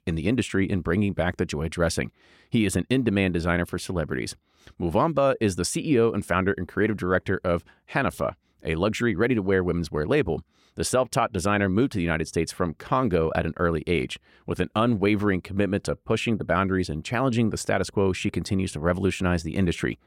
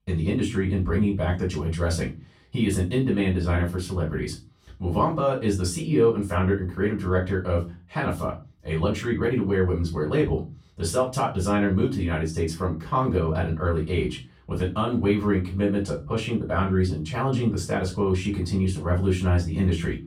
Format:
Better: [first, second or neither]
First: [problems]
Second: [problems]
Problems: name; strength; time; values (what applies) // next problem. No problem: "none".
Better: first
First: none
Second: off-mic speech; far // room echo; slight; dies away in 0.3 s